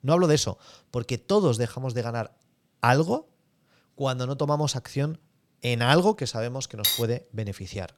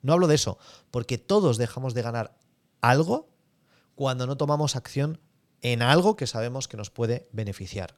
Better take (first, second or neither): second